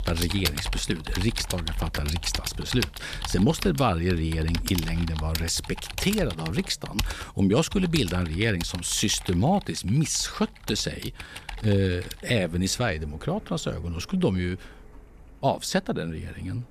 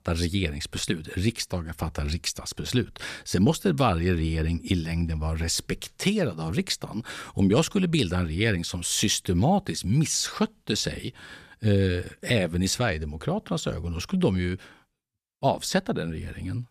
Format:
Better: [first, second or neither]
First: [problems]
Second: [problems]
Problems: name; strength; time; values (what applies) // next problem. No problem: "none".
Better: second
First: household noises; loud; throughout; 8 dB below the speech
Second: none